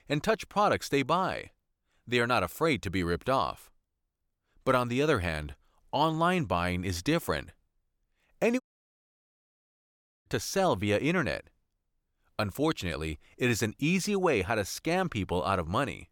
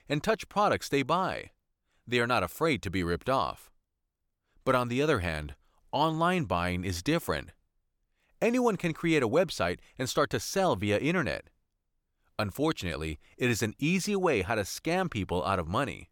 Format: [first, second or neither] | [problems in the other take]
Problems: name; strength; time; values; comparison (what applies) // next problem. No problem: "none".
second | audio cutting out; at 8.5 s for 1.5 s